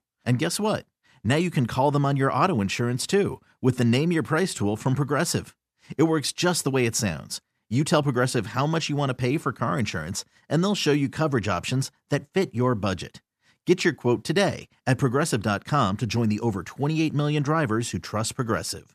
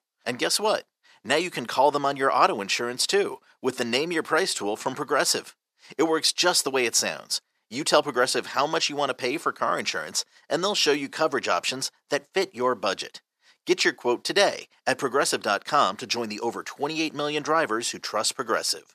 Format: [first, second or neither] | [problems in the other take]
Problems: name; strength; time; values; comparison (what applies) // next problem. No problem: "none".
first | thin; very; fading below 500 Hz